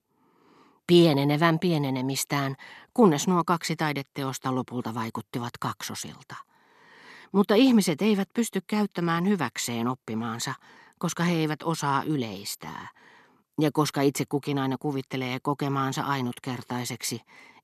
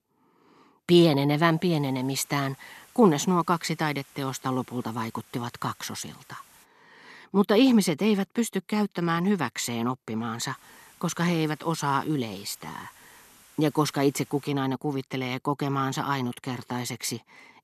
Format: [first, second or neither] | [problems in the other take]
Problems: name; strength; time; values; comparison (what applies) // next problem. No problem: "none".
first | hiss; faint; from 1.5 to 6.5 s and from 11 to 15 s; 25 dB below the speech